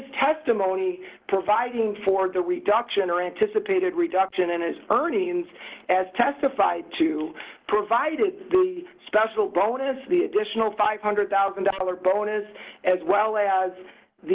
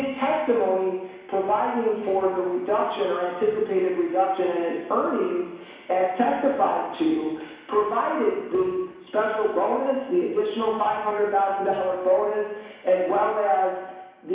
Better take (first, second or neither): first